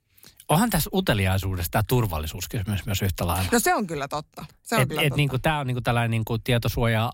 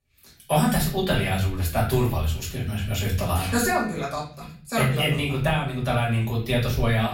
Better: first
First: none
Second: room echo; slight; dies away in 0.5 s // off-mic speech; far

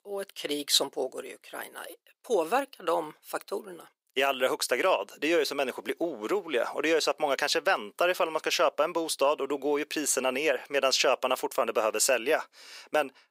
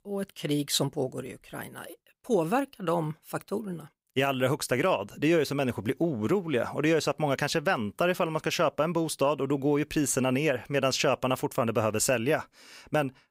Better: second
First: thin; somewhat; fading below 400 Hz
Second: none

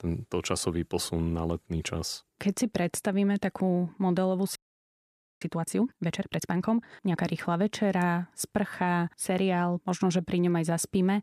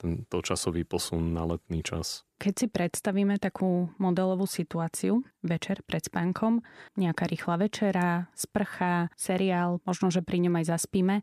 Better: second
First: audio freezing; at 4.5 s for 1 s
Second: none

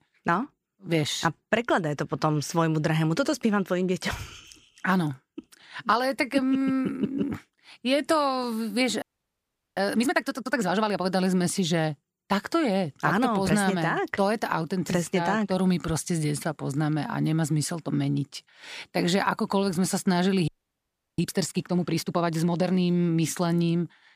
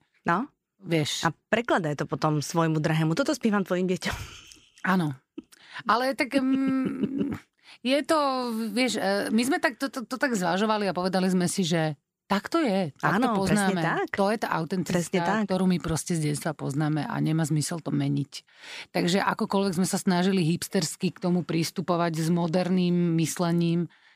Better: second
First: audio freezing; at 9 s for 1 s and at 20 s for 0.5 s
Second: none

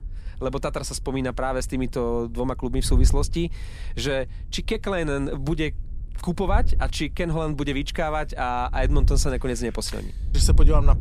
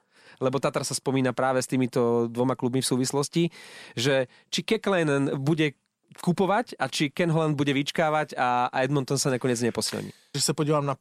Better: second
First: wind noise on the microphone; occasional gusts; 20 dB below the speech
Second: none

